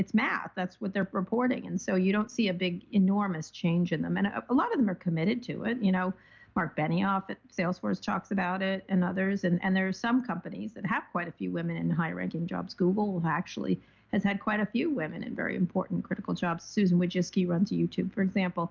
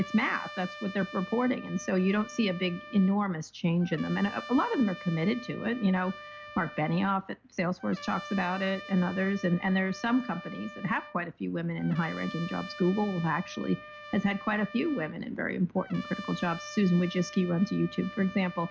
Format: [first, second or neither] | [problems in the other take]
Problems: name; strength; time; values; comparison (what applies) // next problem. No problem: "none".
first | background sound (Trumpet); 15 dB below the speech